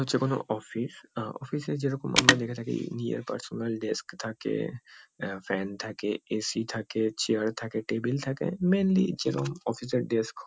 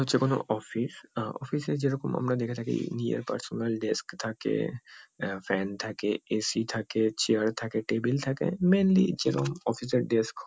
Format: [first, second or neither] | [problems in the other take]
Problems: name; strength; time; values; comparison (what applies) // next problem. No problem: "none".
second | background sound (Telephone); 1 dB below the speech